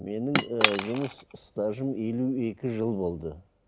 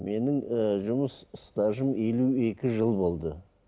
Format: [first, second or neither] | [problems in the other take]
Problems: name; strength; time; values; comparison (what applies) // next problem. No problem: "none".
second | background sound (Cutlery, silverware / Chink, clink); 1 dB below the speech